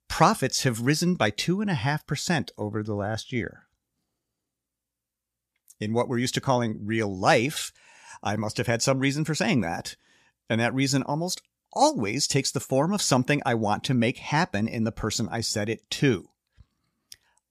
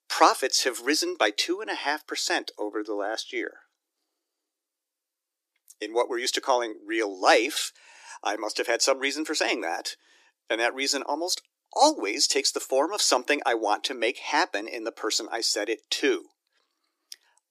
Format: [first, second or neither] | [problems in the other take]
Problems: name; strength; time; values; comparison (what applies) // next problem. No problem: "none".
first | thin; very; fading below 300 Hz